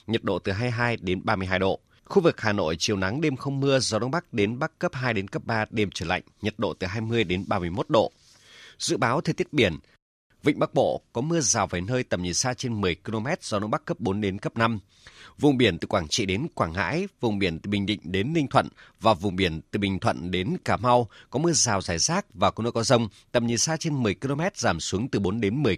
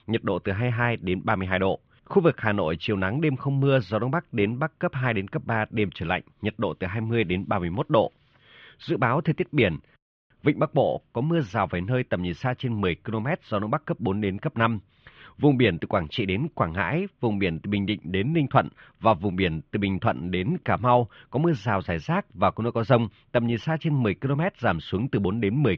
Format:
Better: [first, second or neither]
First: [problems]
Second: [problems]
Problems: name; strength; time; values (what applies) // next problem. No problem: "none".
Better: first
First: none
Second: muffled; very; fading above 3 kHz